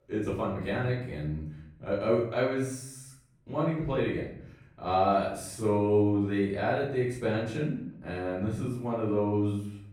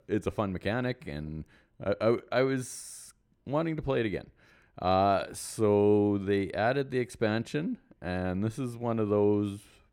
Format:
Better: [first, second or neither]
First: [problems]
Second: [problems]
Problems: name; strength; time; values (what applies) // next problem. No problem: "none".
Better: second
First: off-mic speech; far // room echo; noticeable; dies away in 0.6 s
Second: none